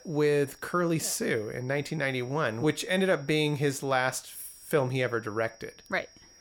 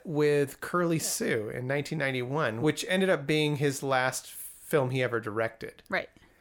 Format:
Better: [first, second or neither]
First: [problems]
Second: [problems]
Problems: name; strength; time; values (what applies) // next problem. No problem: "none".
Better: second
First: high-pitched whine; faint; throughout; 5.5 kHz, 25 dB below the speech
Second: none